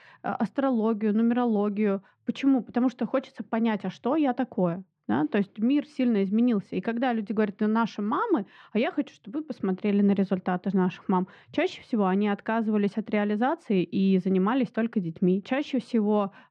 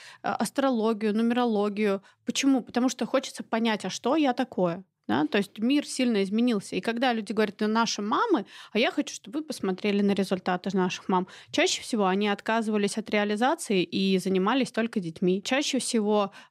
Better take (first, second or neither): second